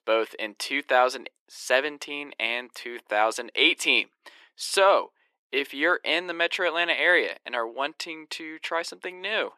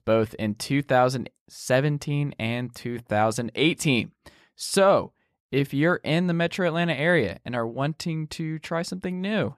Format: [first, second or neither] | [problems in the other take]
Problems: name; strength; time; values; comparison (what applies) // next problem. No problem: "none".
second | thin; very; fading below 350 Hz